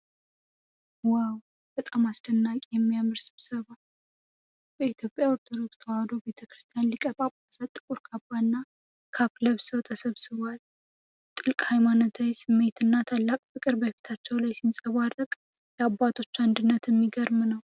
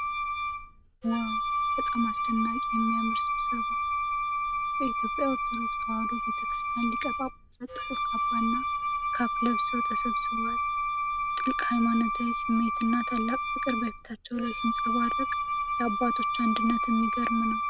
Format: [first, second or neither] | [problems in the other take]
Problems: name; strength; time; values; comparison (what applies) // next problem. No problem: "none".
first | background sound (Wind instrument, woodwind instrument); 2 dB above the speech